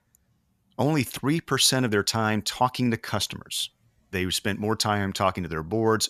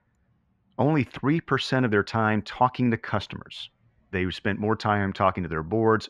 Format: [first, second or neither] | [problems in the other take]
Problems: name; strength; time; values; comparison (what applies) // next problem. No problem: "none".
first | muffled; very; fading above 2 kHz